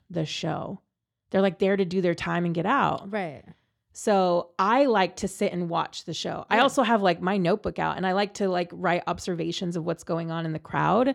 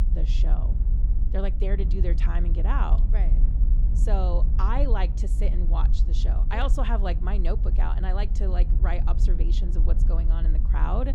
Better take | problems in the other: first | low rumble; loud; throughout; 10 dB below the speech

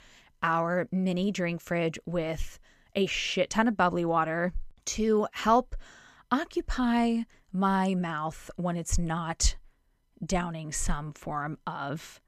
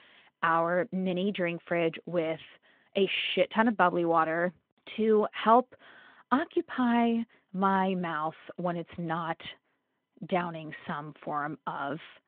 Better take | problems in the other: first | phone-call audio

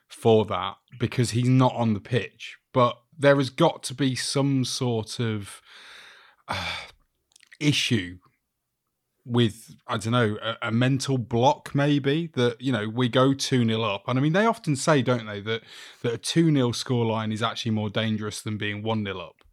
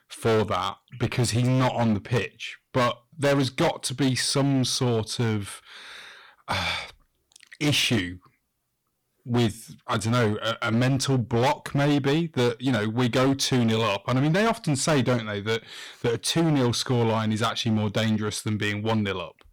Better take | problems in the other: first | distortion; heavy; 13% of the sound clipped

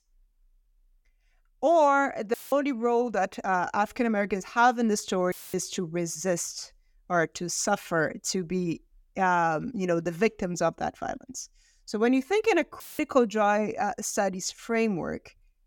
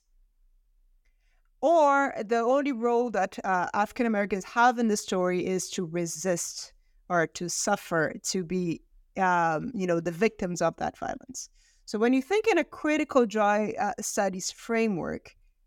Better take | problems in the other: second | audio cutting out; filled with static; at 2.5 s, at 5.5 s and at 13 s

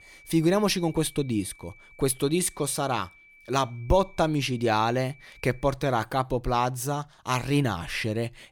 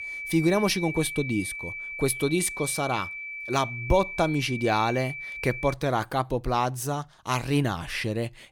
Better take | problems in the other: first | high-pitched whine; loud; until 5.5 s; 2.5 kHz, 7 dB below the speech; faint in the first

